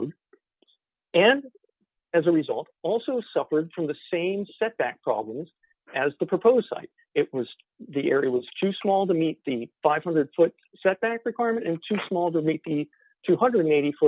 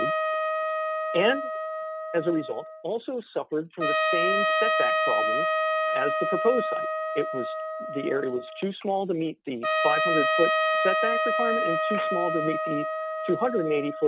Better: first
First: none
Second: background sound (Trumpet); 2 dB above the speech

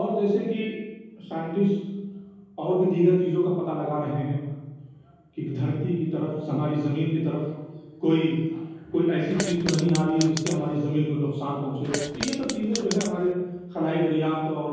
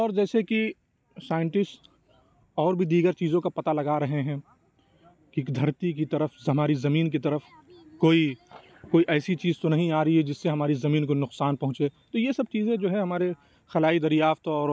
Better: second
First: background sound (Fart); 9 dB below the speech // room echo; dies away in 1.3 s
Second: none

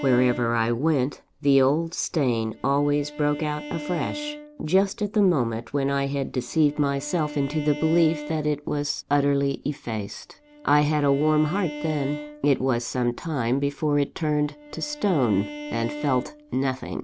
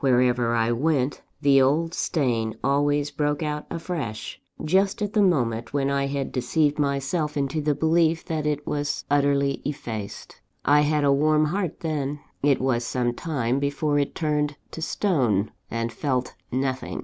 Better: second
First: background sound (Bowed string instrument); 14 dB below the speech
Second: none

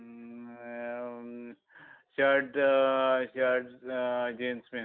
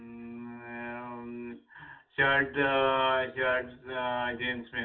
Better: first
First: none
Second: room echo; dies away in 0.2 s

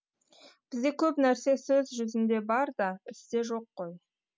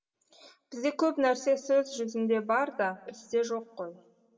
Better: first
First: none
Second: room echo; dies away in 1.2 s

